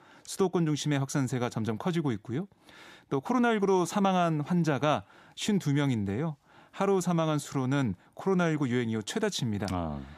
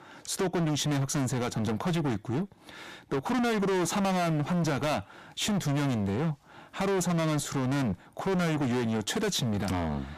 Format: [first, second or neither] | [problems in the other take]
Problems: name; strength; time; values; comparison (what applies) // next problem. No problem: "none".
first | distortion; heavy; 30% of the sound clipped